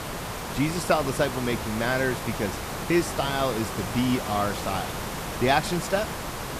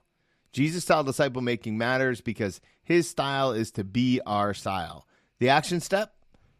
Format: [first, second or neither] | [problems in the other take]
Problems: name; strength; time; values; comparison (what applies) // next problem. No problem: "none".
second | hiss; loud; throughout; 5 dB below the speech